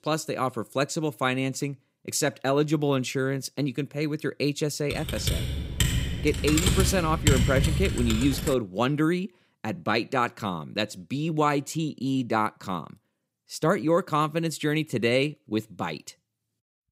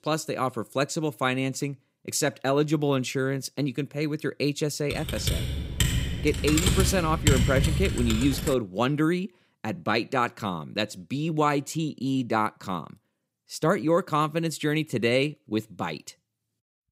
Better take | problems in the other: neither | keyboard typing; loud; from 5 to 8.5 s; peak 5 dB above the speech; the same in both

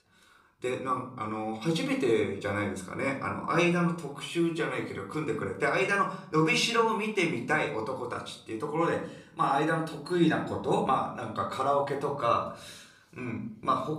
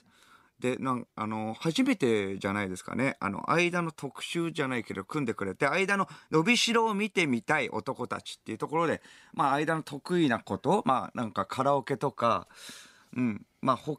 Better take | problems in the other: second | room echo; slight; dies away in 0.4 s // off-mic speech; somewhat distant

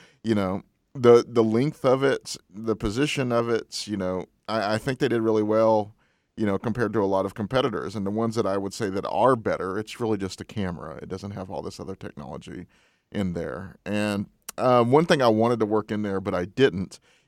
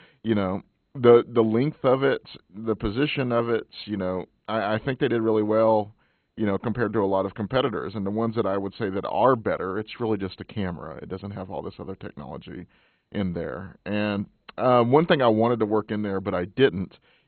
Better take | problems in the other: first | garbled, watery; badly; nothing above 4 kHz

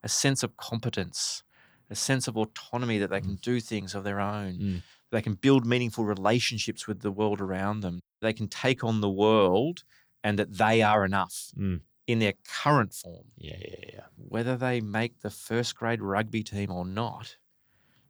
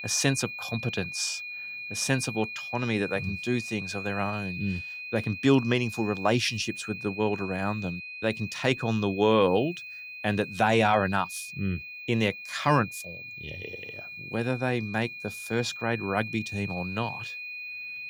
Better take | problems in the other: first | high-pitched whine; loud; throughout; 2.5 kHz, 8 dB below the speech

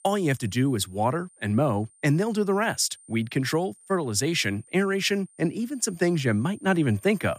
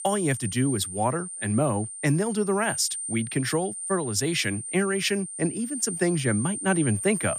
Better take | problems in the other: first | high-pitched whine; loud; throughout; 9 kHz, 6 dB below the speech; faint in the first

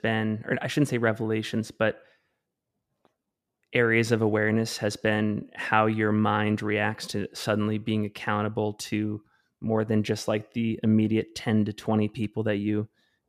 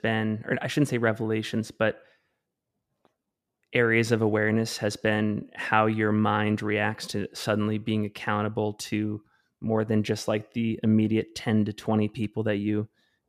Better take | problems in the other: neither | none

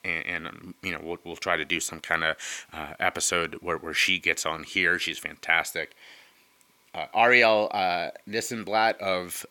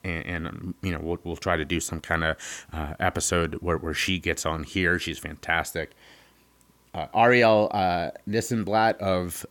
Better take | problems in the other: second | thin; somewhat; fading below 1 kHz

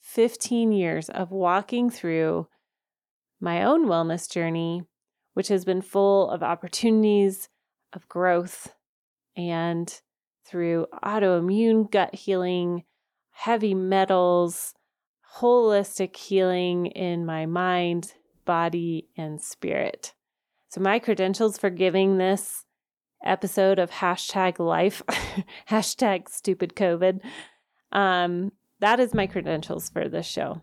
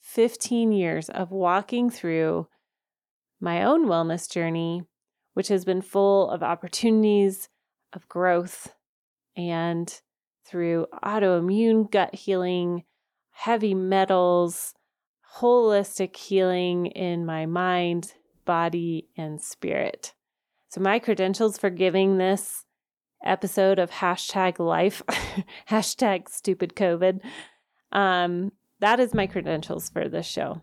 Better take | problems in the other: neither | none

